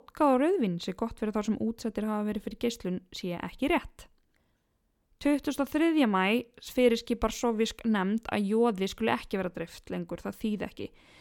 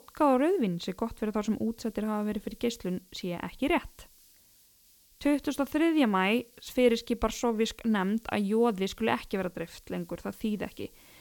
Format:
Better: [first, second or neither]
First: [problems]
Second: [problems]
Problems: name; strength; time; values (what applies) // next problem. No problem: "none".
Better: first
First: none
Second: hiss; faint; throughout; 30 dB below the speech